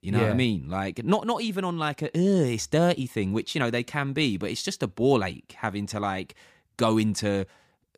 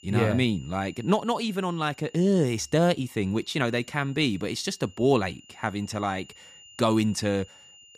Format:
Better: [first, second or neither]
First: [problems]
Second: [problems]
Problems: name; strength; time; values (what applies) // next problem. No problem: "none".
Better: first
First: none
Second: high-pitched whine; faint; throughout; 3 kHz, 25 dB below the speech